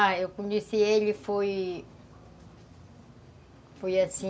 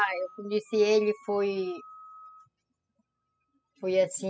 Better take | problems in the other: first | noise reduction (classical method spectral subtraction)

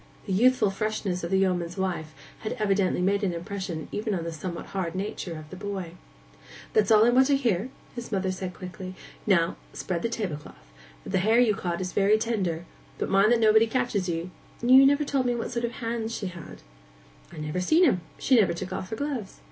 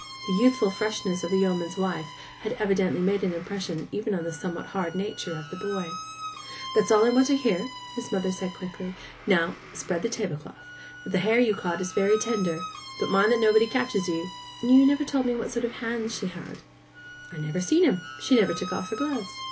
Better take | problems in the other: first | background sound (Squeak); 14 dB below the speech

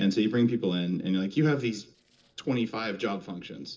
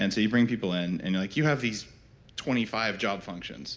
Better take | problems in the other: second | noise reduction (neural separator model SepFormer DNS4)

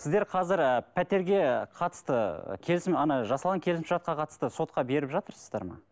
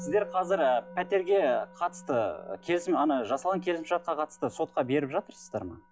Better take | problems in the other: first | noise reduction (classical method log-MMSE)

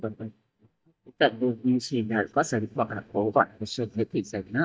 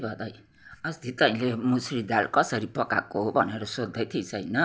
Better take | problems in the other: second | noise reduction (neural mask model DeepFilterNet 3)

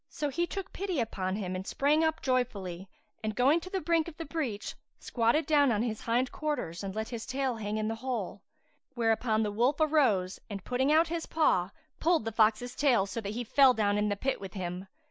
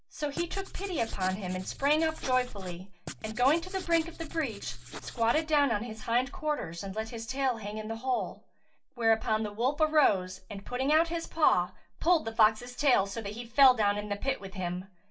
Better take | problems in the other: first | background sound (Writing); 16 dB below the speech // room echo; dies away in 0.2 s

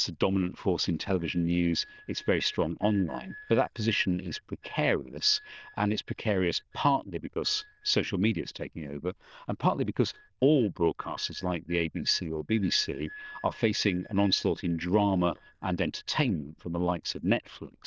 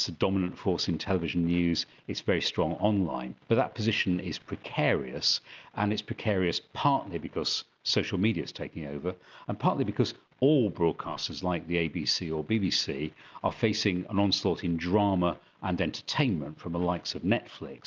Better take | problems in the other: second | noise reduction (neural diffusion model UNIVERSE++)

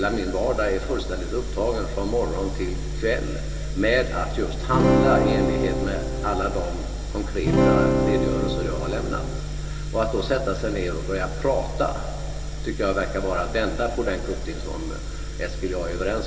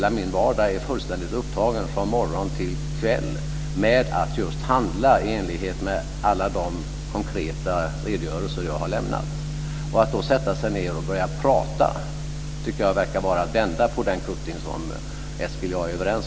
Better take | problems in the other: second | background sound (Acoustic guitar / Strum); 2 dB above the speech // room echo; dies away in 2.4 s

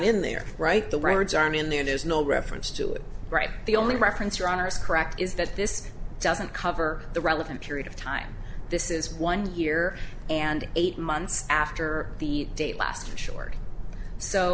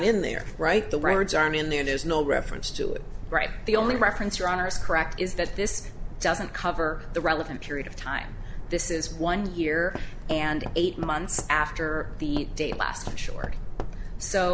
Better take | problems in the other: first | background sound (Knock / Wood); 14 dB below the speech

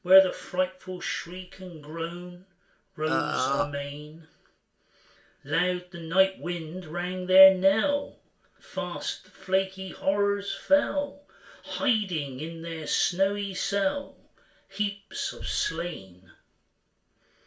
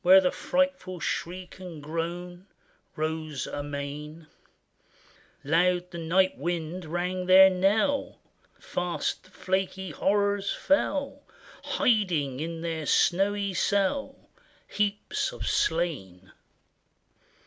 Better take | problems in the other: second | background sound (Burping, eructation); 1 dB below the speech // room echo; dies away in 0.3 s

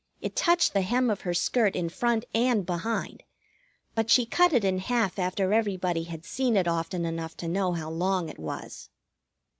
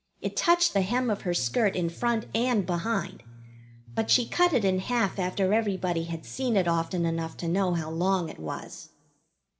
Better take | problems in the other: first | background sound (Bass guitar); 19 dB below the speech // room echo; dies away in 0.5 s

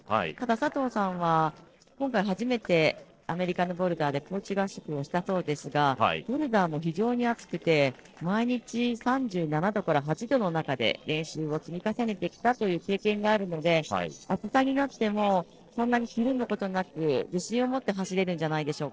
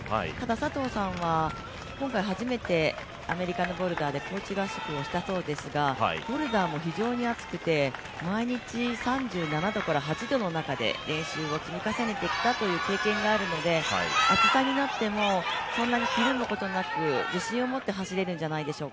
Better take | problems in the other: second | noise reduction (neural separator model SepFormer DNS4)

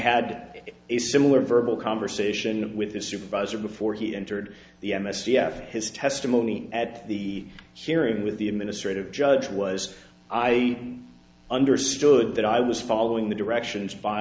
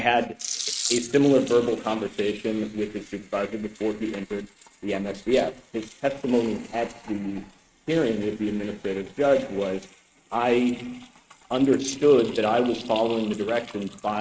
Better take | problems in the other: first | noise reduction (neural mask model RNNoise)

